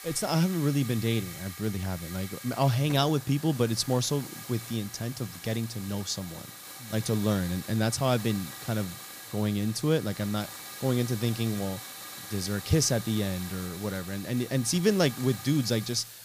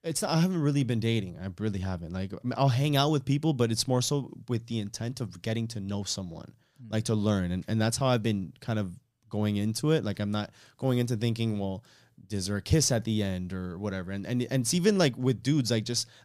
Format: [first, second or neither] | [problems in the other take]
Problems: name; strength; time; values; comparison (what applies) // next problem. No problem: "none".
second | hiss; noticeable; throughout; 10 dB below the speech